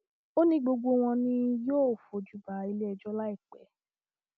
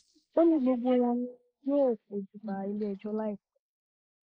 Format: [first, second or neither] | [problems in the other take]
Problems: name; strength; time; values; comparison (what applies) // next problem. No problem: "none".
first | noise reduction (neural mask model Resemble Enhance denoiser)